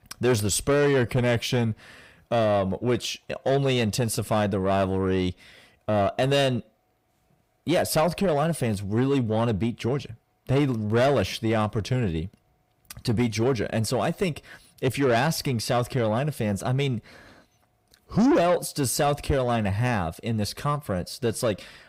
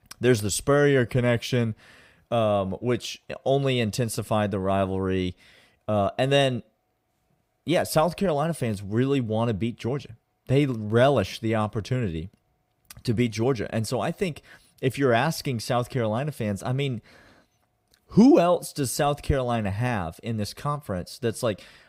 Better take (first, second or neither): second